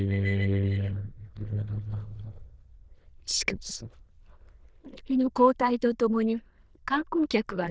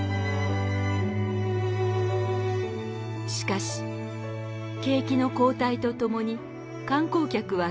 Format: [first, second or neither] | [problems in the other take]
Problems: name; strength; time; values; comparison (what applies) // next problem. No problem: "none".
second | noise reduction (neural diffusion model UNIVERSE++)